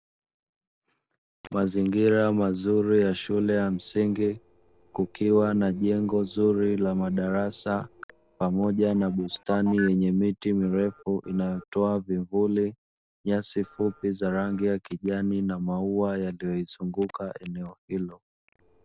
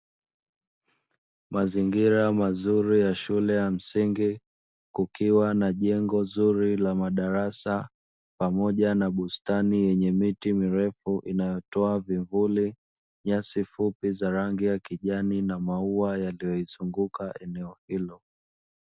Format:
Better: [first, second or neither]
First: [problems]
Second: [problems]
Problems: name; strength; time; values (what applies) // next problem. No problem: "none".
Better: second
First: noise reduction (neural separator model SepFormer DNS4)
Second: none